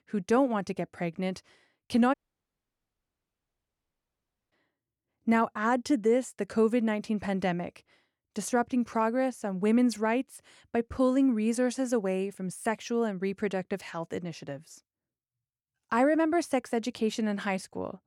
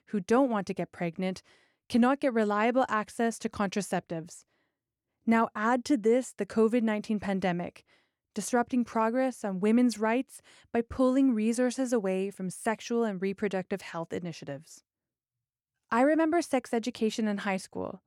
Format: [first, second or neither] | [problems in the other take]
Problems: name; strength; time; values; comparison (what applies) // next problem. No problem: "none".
second | audio cutting out; at 2 s for 2.5 s